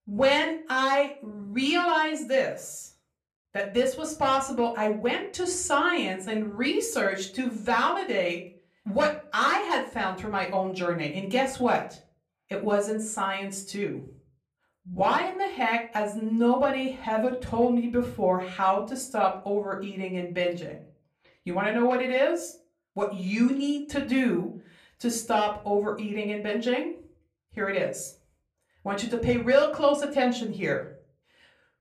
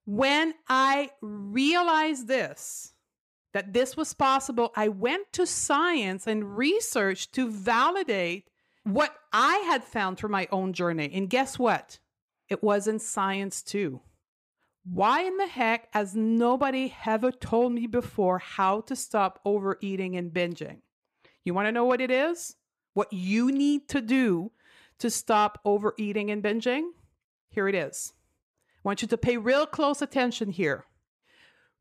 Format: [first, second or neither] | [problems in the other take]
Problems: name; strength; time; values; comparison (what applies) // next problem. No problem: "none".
second | off-mic speech; far // room echo; very slight; dies away in 0.3 s